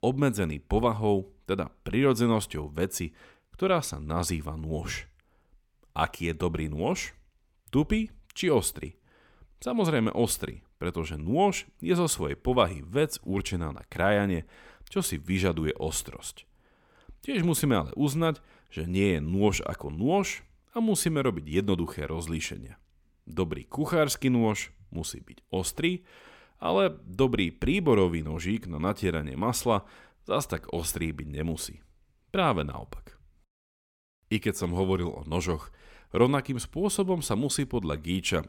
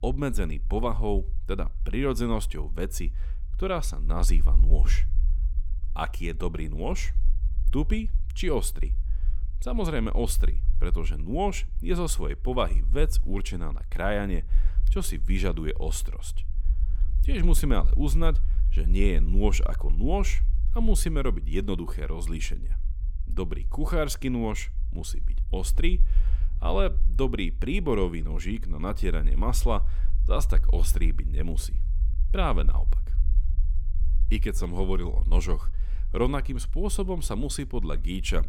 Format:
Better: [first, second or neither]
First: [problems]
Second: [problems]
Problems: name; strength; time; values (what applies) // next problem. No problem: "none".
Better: first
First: none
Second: low rumble; faint; throughout; 20 dB below the speech